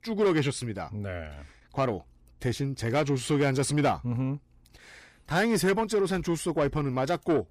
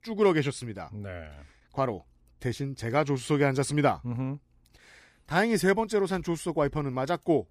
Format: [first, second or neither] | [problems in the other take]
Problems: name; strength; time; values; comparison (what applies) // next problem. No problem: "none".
second | distortion; slight; 10 dB below the speech